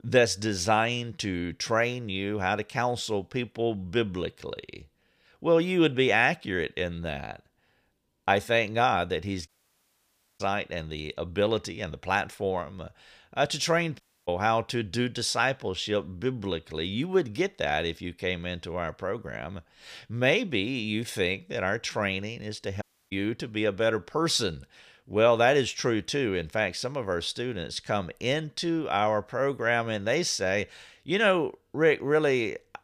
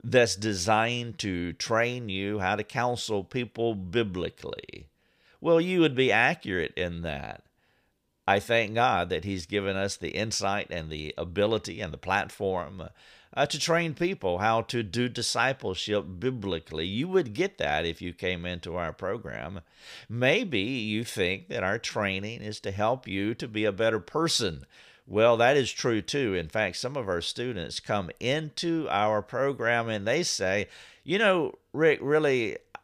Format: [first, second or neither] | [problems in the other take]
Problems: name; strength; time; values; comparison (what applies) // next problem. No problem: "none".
second | audio cutting out; at 9.5 s for 1 s, at 14 s and at 23 s